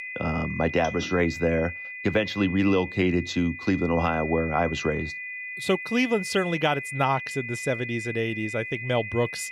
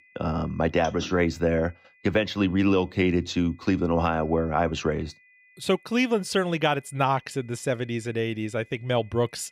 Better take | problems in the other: second | high-pitched whine; loud; throughout; 2 kHz, 8 dB below the speech; faint in the second

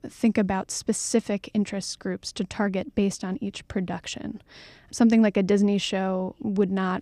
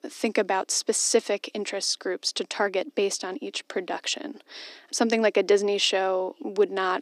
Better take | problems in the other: first | thin; somewhat; fading below 300 Hz

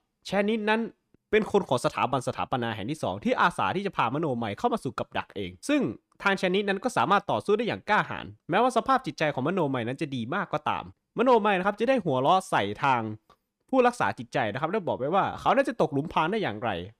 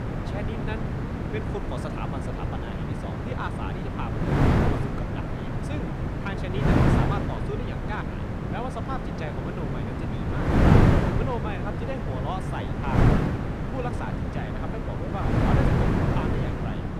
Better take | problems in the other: first | wind noise on the microphone; heavy; 5 dB above the speech

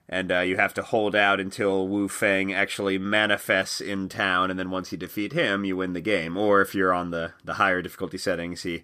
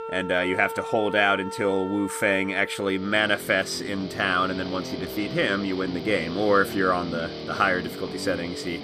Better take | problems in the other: first | background music; noticeable; throughout; 10 dB below the speech

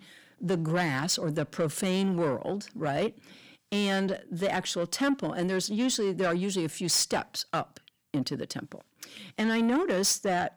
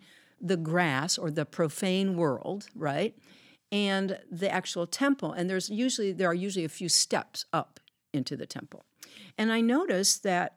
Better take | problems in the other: second | distortion; slight; 10 dB below the speech

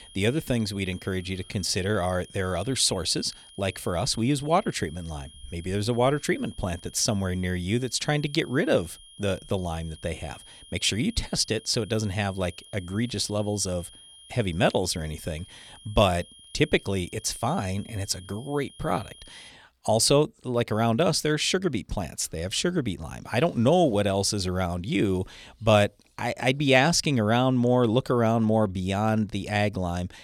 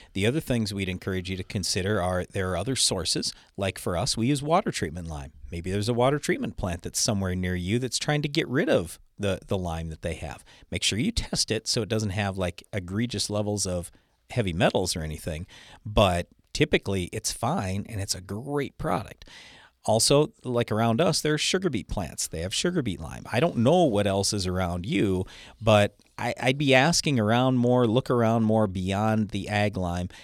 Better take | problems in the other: second | high-pitched whine; faint; until 20 s; 3 kHz, 20 dB below the speech

